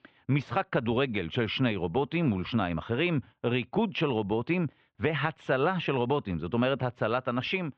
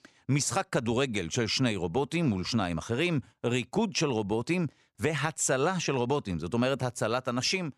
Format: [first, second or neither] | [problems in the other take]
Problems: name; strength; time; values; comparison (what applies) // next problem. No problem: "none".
second | muffled; very; fading above 3.5 kHz